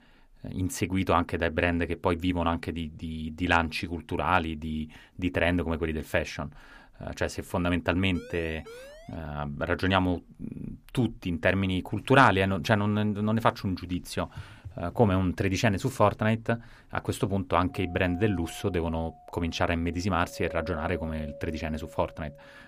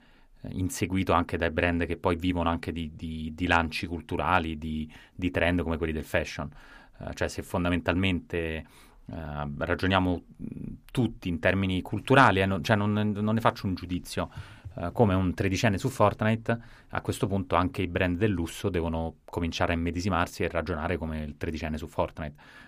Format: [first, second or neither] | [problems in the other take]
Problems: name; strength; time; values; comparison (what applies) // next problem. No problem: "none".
second | siren; faint; from 8 to 9 s; peak 20 dB below the speech // doorbell; faint; from 18 s on; peak 10 dB below the speech